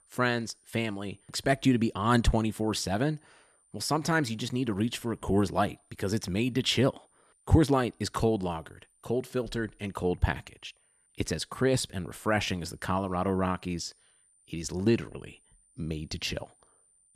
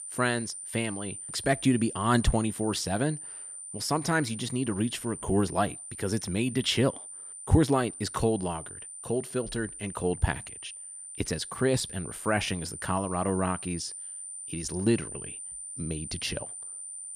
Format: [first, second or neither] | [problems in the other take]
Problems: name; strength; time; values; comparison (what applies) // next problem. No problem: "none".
first | high-pitched whine; loud; throughout; 9 kHz, 9 dB below the speech; faint in the first